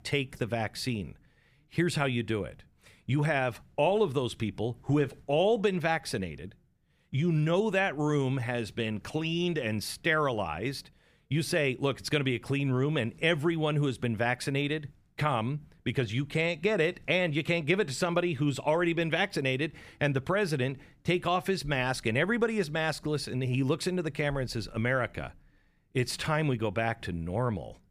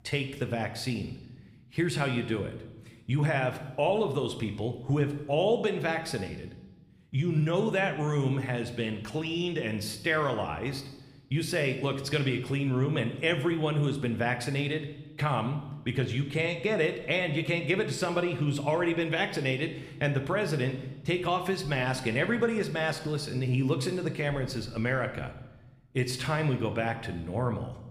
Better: first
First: none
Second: room echo; slight; dies away in 0.9 s

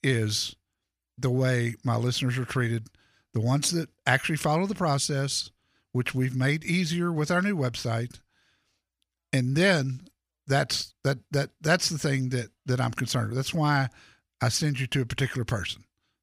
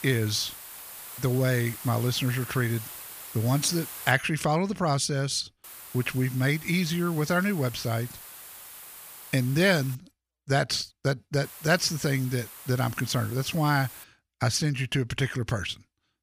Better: first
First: none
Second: hiss; noticeable; until 4 s, from 5.5 to 10 s and from 11 to 14 s; 15 dB below the speech

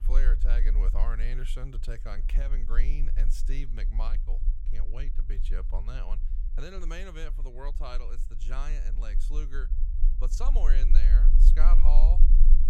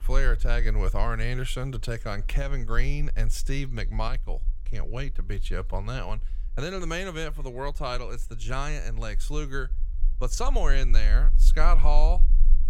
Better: second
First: low rumble; loud; throughout; 10 dB below the speech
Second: low rumble; faint; throughout; 25 dB below the speech

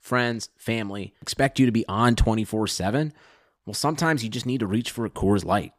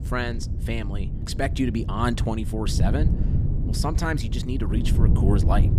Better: first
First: none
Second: wind noise on the microphone; heavy; 8 dB below the speech

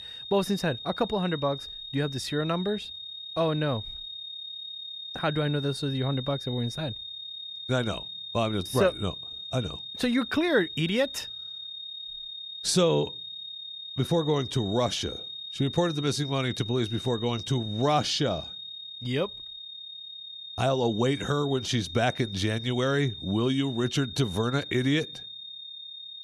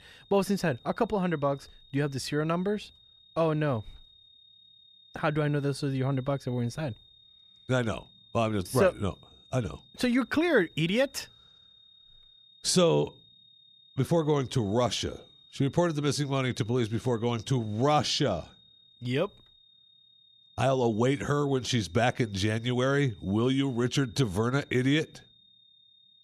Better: second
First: high-pitched whine; loud; throughout; 3.5 kHz, 9 dB below the speech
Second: high-pitched whine; faint; throughout; 3.5 kHz, 25 dB below the speech

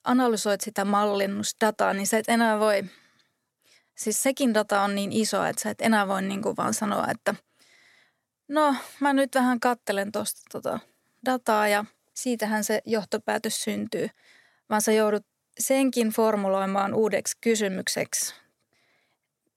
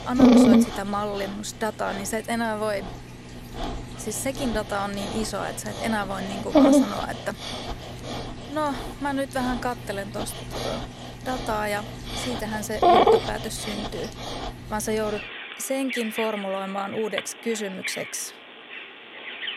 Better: first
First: none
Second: animal sounds; very loud; throughout; 4 dB above the speech

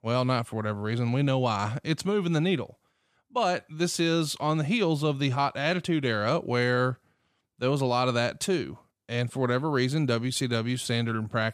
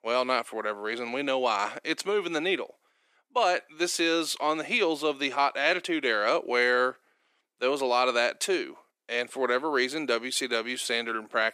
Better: first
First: none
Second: thin; very; fading below 350 Hz

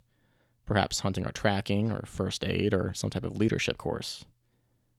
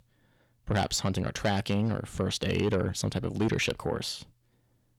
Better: first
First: none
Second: distortion; slight; 10 dB below the speech

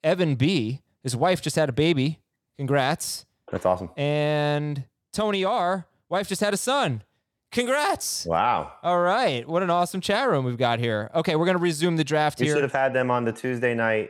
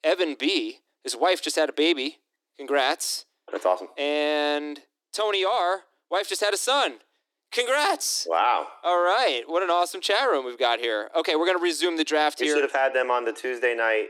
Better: first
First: none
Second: thin; somewhat; fading below 300 Hz

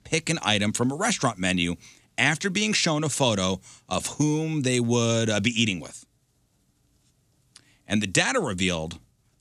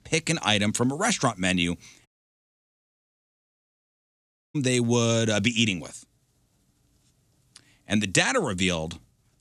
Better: first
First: none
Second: audio cutting out; at 2 s for 2.5 s

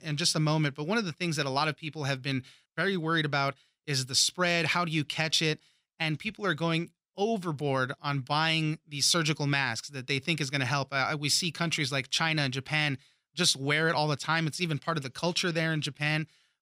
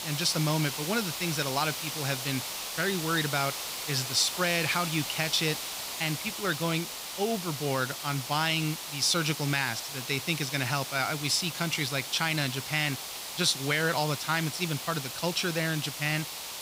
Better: first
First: none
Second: hiss; loud; throughout; 5 dB below the speech

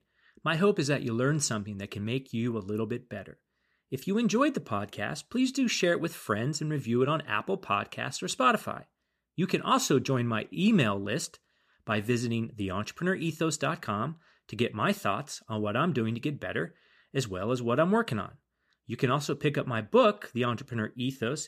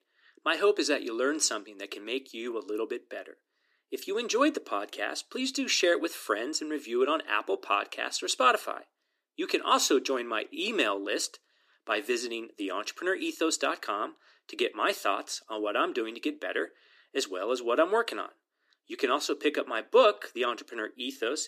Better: first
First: none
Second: thin; somewhat; fading below 300 Hz

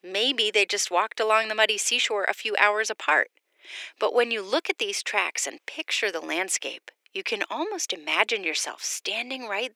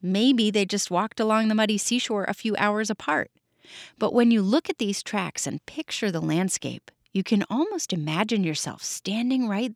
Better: second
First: thin; very; fading below 400 Hz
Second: none

